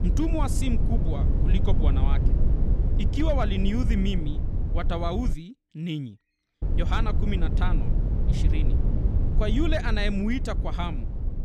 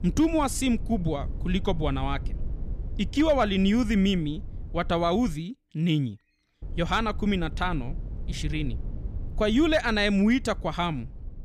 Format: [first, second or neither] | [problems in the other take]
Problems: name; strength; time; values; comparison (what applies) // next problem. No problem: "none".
second | low rumble; loud; until 5.5 s and from 6.5 s on; 7 dB below the speech; faint in the second